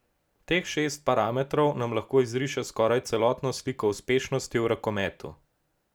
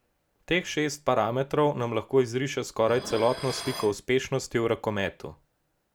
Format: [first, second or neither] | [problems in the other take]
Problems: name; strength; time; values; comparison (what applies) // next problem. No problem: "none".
first | background sound (Dishes, pots, and pans); 16 dB below the speech